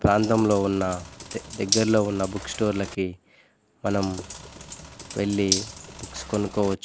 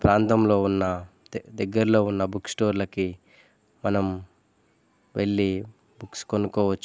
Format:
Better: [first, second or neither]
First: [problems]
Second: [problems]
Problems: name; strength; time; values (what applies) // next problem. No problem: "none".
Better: second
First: background sound (Bathtub (filling or washing)); 9 dB below the speech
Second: none